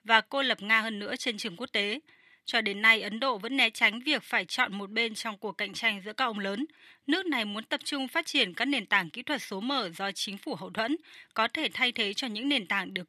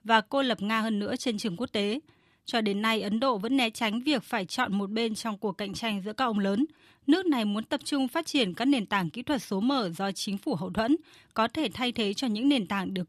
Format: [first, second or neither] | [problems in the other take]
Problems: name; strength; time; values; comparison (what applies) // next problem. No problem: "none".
second | thin; very slightly; fading below 400 Hz